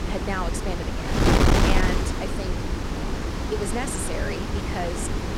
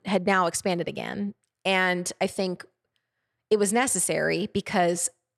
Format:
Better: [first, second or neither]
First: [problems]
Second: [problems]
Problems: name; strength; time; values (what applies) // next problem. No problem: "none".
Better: second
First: wind noise on the microphone; heavy; 4 dB above the speech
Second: none